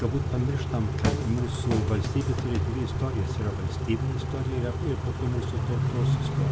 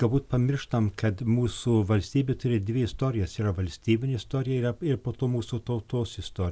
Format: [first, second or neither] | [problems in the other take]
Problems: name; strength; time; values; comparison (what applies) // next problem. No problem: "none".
second | background sound (Idling / Accelerating, revving, vroom / Car + Drum kit); 3 dB above the speech